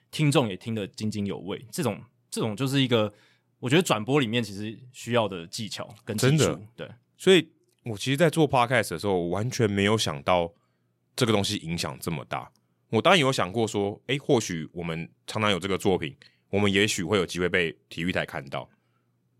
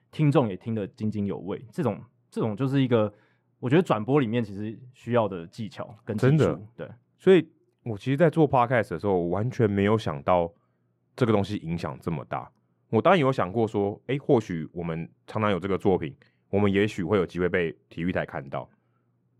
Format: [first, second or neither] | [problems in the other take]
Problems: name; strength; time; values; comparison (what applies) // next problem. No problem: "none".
first | muffled; very; fading above 2.5 kHz